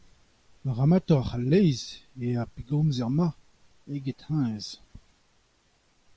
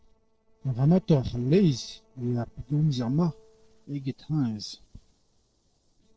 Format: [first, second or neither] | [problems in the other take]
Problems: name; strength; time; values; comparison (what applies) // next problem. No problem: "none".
first | noise reduction (neural separator model SepFormer DNS4)